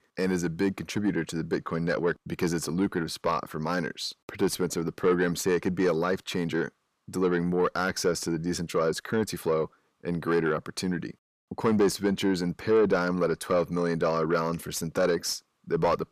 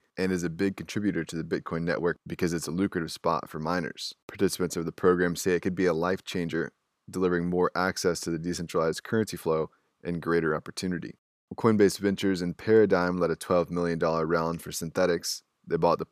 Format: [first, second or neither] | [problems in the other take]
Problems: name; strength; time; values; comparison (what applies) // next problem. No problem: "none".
second | distortion; slight; 10 dB below the speech